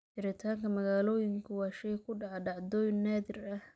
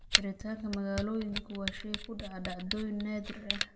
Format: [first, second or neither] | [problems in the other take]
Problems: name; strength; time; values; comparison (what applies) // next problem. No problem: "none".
first | background sound (Camera); as loud as the speech // room echo; dies away in 0.9 s